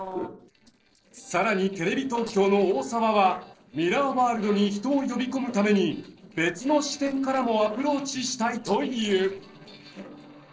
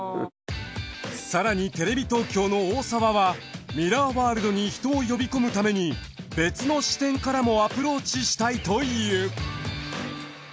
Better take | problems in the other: second | noise reduction (neural separator model SepFormer DNS4)

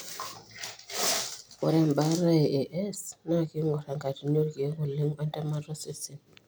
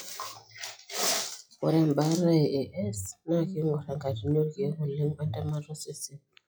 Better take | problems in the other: first | noise reduction (classical method log-MMSE)

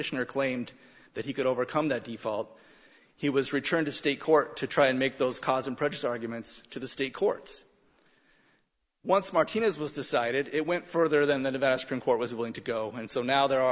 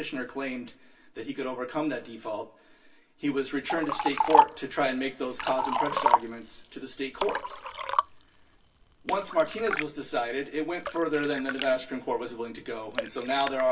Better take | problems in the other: first | background sound (Liquid); 1 dB below the speech // room echo; dies away in 0.2 s

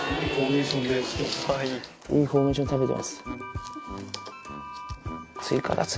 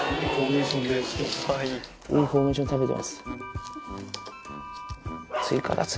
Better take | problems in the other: first | background sound (Bark); 12 dB below the speech

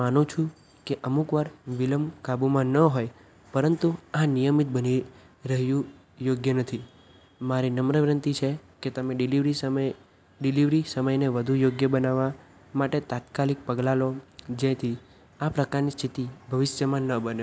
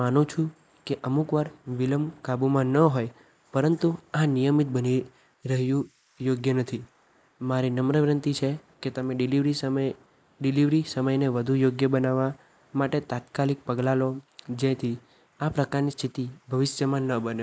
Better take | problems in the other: first | noise reduction (neural mask model Resemble Enhance denoiser)

